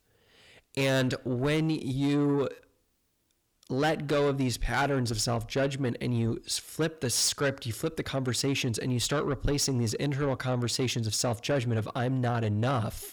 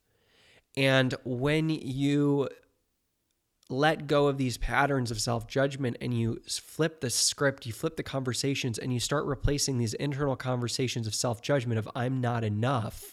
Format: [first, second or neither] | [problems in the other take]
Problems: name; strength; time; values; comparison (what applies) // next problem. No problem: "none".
second | distortion; slight; 10 dB below the speech